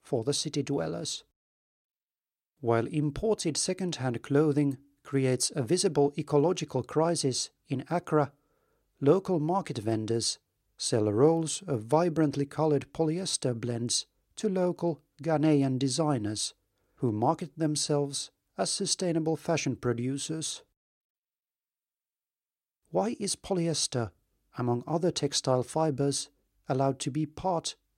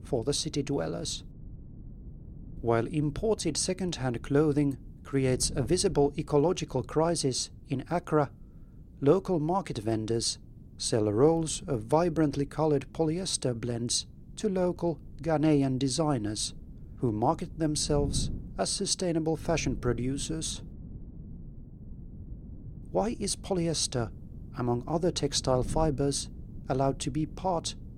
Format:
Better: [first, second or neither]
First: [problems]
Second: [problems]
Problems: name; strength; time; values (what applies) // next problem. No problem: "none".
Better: first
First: none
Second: wind noise on the microphone; occasional gusts; 25 dB below the speech